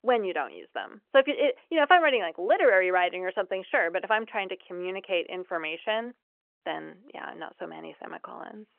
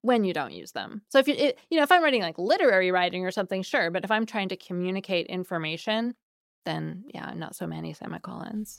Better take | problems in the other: second | phone-call audio; nothing above 3 kHz

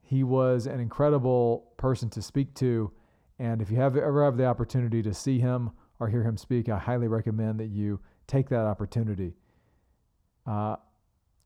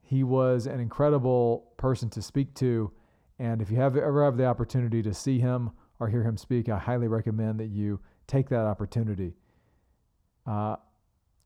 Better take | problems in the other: neither | muffled; slightly; fading above 1 kHz; the same in both

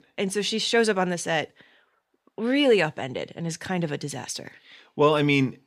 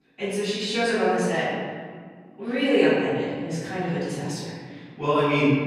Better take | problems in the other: first | off-mic speech; far // room echo; strong; dies away in 1.8 s

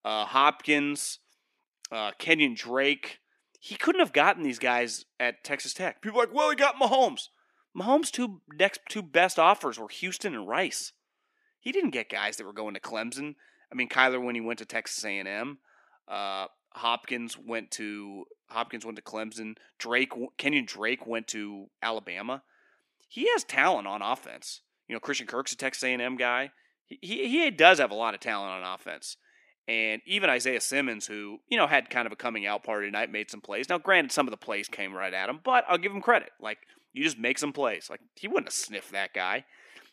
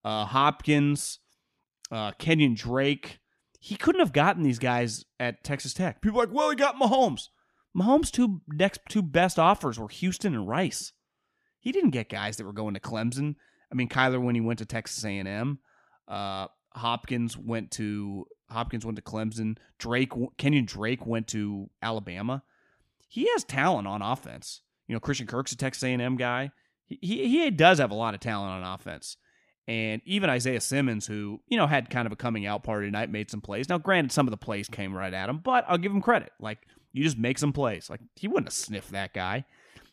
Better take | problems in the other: second | thin; somewhat; fading below 300 Hz

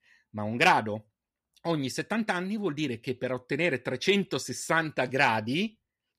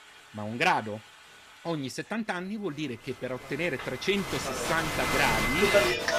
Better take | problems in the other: first | crowd noise; very loud; throughout; 3 dB above the speech

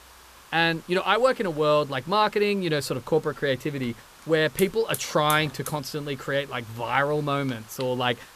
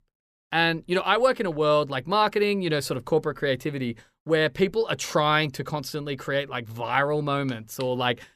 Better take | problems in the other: second | hiss; noticeable; throughout; 20 dB below the speech

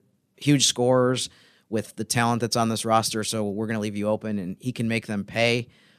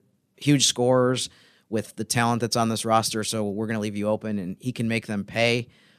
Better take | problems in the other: neither | none

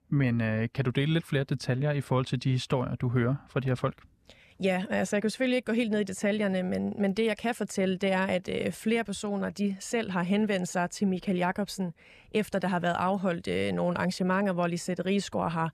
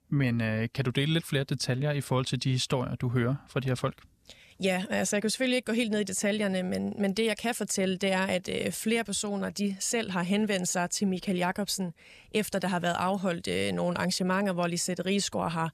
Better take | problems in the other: second | muffled; slightly; fading above 3 kHz

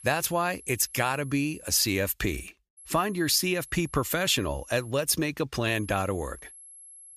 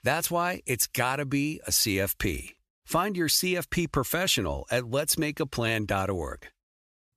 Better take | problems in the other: second | high-pitched whine; noticeable; until 1.5 s, from 3 to 5 s and from 5.5 s on; 11 kHz, 20 dB below the speech

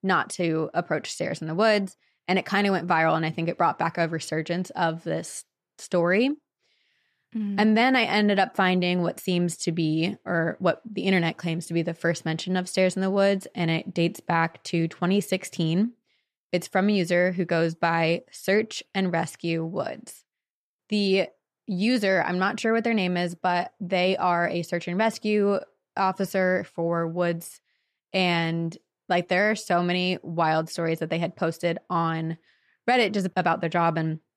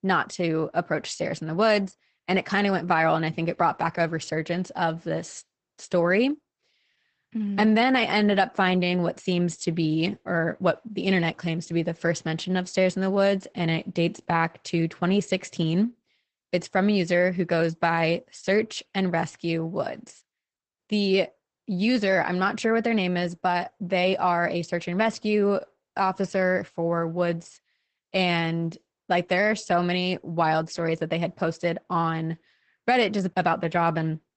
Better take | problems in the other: first | garbled, watery; badly; nothing above 8 kHz

